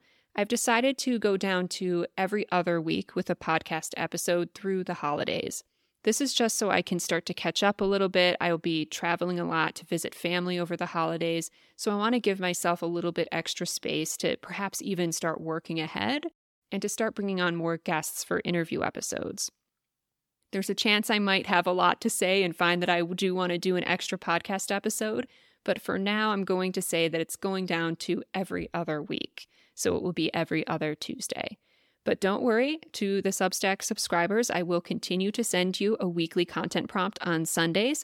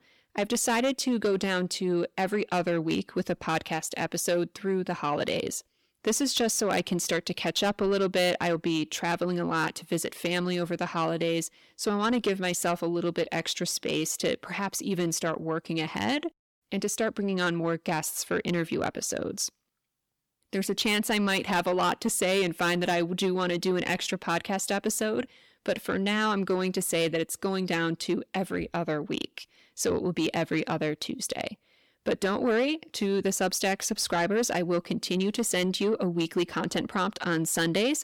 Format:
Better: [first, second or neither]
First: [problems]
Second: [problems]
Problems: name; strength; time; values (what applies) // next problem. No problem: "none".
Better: first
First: none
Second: distortion; slight; 10 dB below the speech